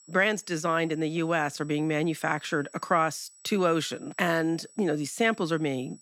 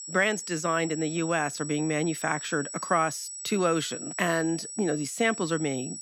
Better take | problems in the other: first | high-pitched whine; loud; throughout; 8 kHz, 8 dB below the speech; faint in the first

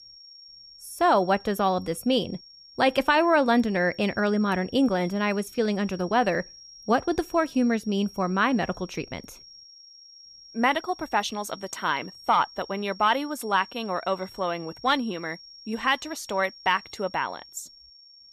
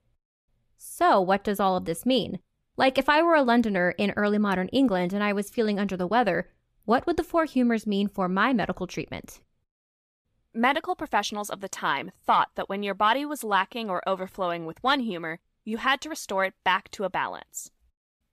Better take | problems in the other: second | high-pitched whine; noticeable; throughout; 5.5 kHz, 20 dB below the speech

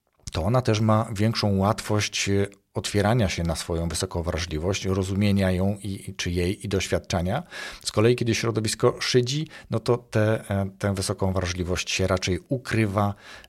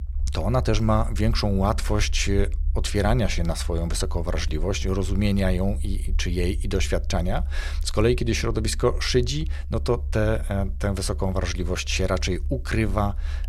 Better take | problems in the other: first | low rumble; faint; throughout; 25 dB below the speech

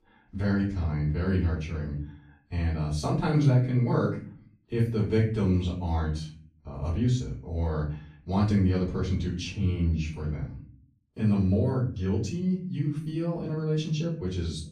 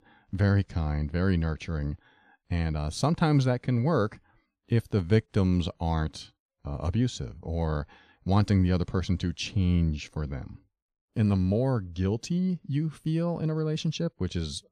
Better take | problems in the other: second | off-mic speech; far // room echo; slight; dies away in 0.4 s

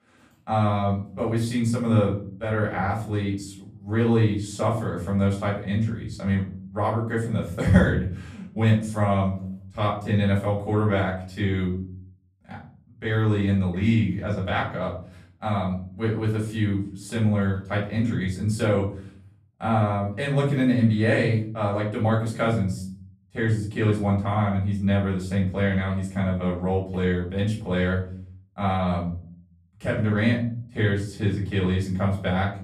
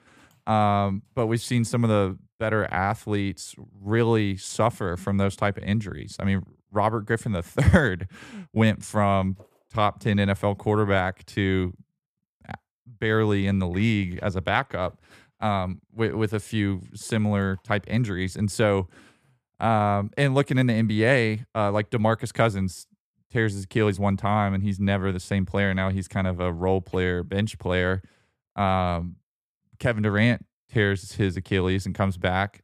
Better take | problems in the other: second | room echo; slight; dies away in 0.5 s // off-mic speech; far

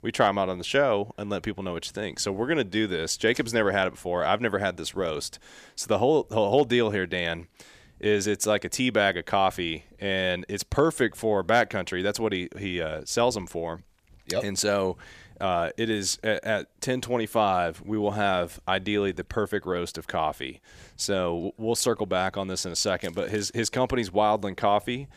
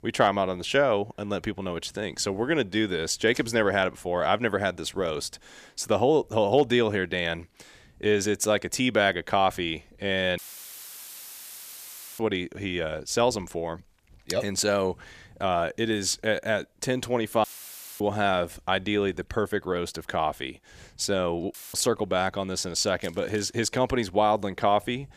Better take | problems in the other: first | audio cutting out; filled with static; at 10 s for 2 s, at 17 s for 0.5 s and at 22 s

